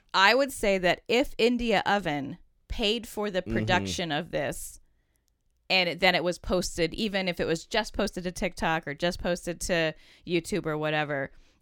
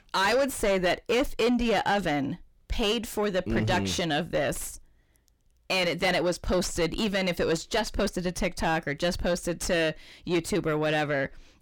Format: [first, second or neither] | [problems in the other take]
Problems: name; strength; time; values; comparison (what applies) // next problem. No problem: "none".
first | distortion; heavy; 6 dB below the speech